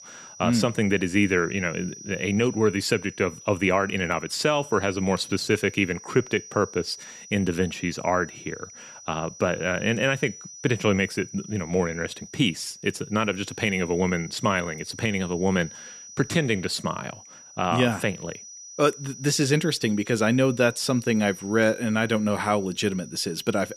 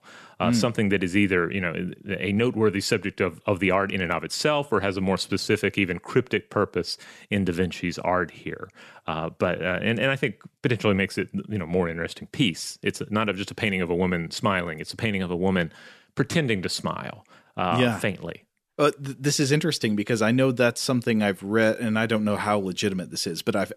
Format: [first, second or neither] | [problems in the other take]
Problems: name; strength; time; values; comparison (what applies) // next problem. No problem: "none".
second | high-pitched whine; noticeable; throughout; 6 kHz, 15 dB below the speech